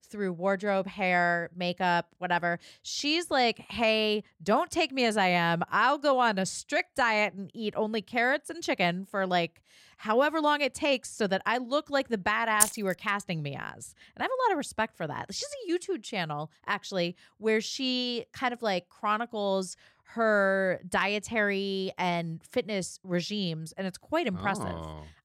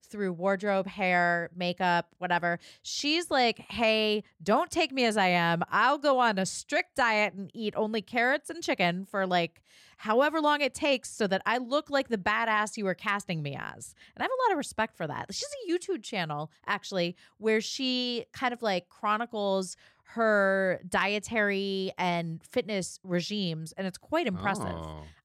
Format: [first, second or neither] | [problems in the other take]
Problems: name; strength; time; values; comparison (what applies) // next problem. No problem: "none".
second | jangling keys; loud; at 13 s; peak 3 dB above the speech